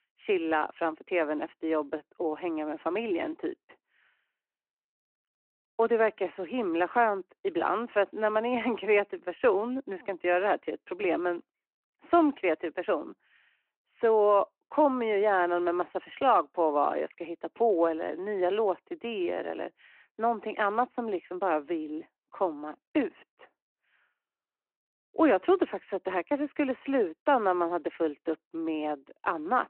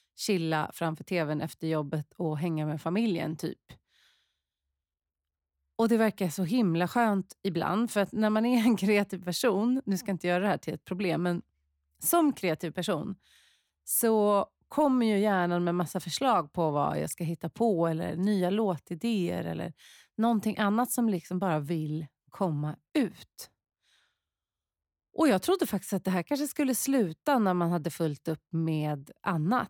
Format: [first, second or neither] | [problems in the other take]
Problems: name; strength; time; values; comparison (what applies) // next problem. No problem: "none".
second | phone-call audio